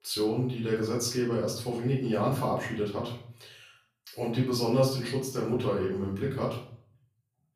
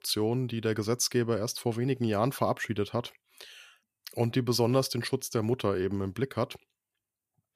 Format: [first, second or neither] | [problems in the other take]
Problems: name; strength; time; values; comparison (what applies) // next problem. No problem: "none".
second | room echo; noticeable; dies away in 0.5 s // off-mic speech; far